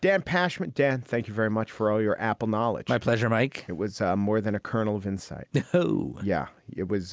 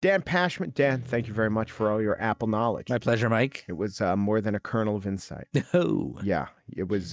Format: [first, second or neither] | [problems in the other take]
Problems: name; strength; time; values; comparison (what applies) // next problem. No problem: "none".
first | noise reduction (neural mask model DeepFilterNet 3)